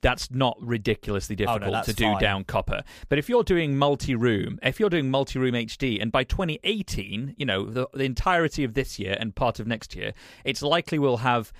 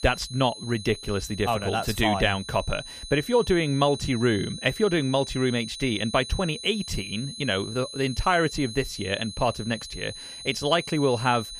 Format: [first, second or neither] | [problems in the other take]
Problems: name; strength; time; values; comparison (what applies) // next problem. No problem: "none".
first | high-pitched whine; noticeable; throughout; 4 kHz, 10 dB below the speech